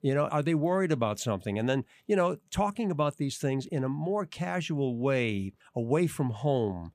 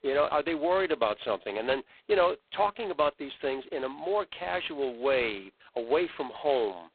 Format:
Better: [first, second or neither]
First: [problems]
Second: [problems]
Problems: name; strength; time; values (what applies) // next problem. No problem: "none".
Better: first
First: none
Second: phone-call audio; poor line; nothing above 4 kHz